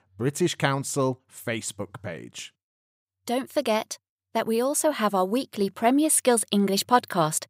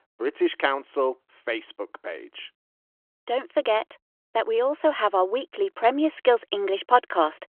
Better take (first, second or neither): first